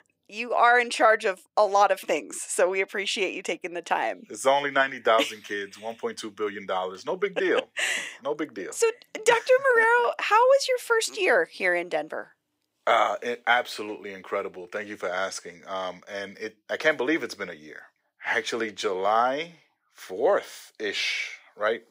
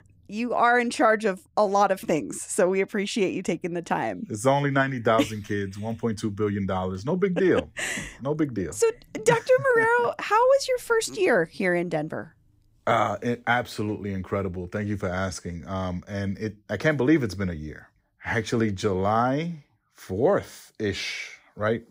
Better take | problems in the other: second | thin; very; fading below 550 Hz

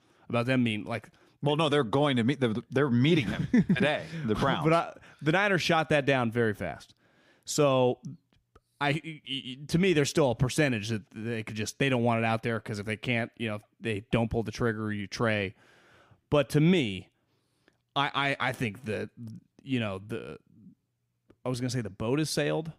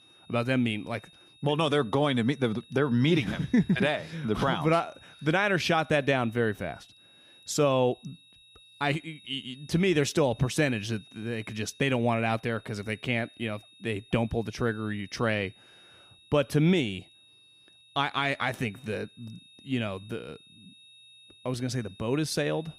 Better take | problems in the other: first | high-pitched whine; faint; throughout; 3.5 kHz, 25 dB below the speech

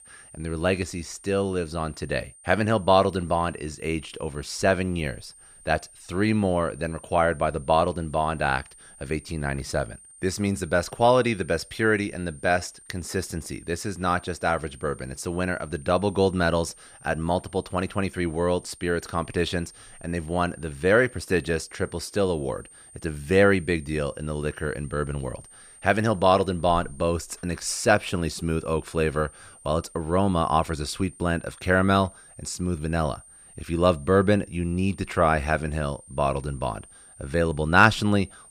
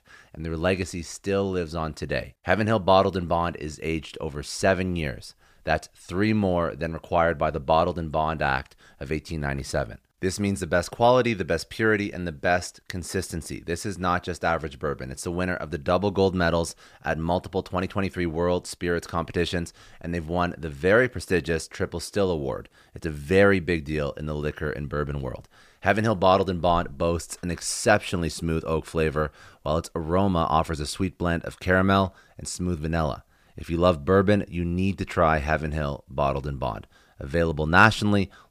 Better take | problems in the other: second | high-pitched whine; faint; throughout; 9 kHz, 20 dB below the speech

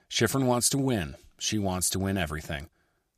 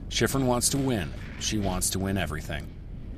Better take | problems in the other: first | wind noise on the microphone; occasional gusts; 15 dB below the speech

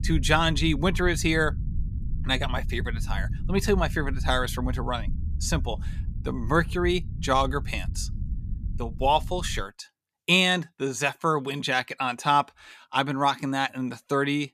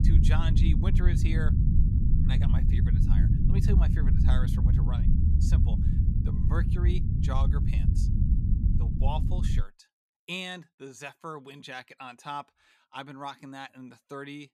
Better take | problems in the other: first | low rumble; loud; until 9.5 s; 1 dB below the speech; faint in the first

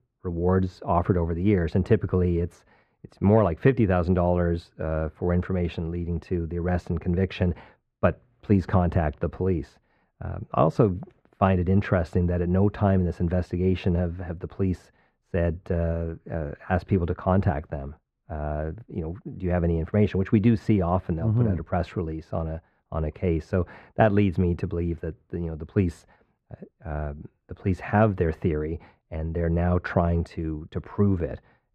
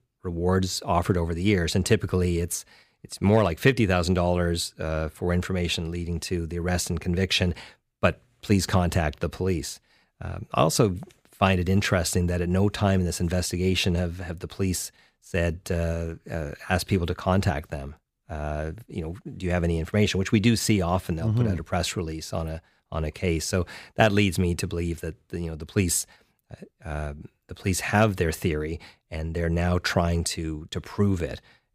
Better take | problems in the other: second | muffled; very; fading above 3.5 kHz

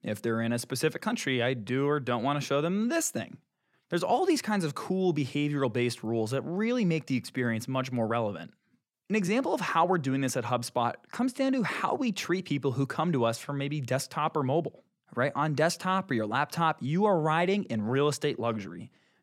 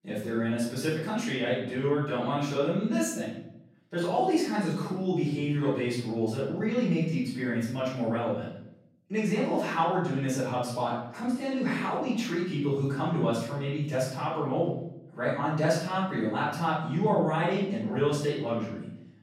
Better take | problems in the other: first | room echo; noticeable; dies away in 0.7 s // off-mic speech; far

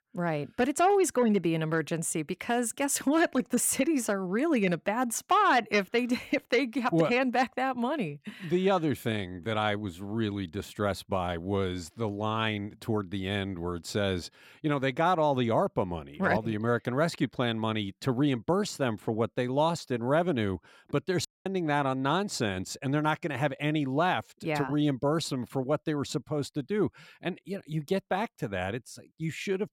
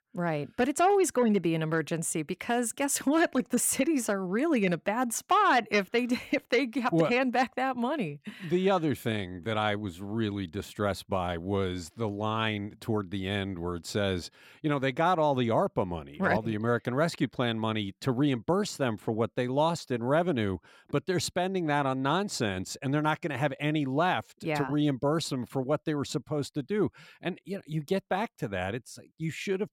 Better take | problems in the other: second | audio cutting out; at 21 s

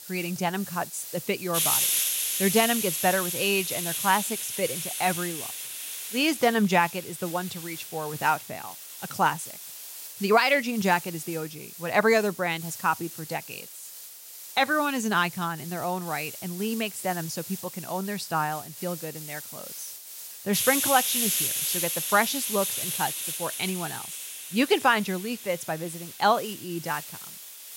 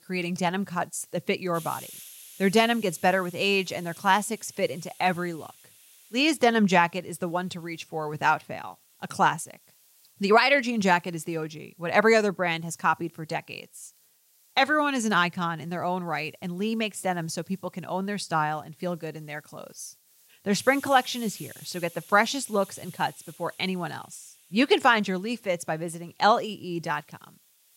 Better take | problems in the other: second | hiss; loud; throughout; 4 dB below the speech; faint in the second

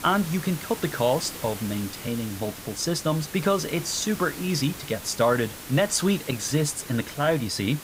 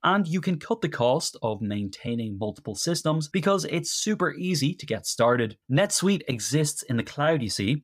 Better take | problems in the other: second | hiss; noticeable; throughout; 10 dB below the speech

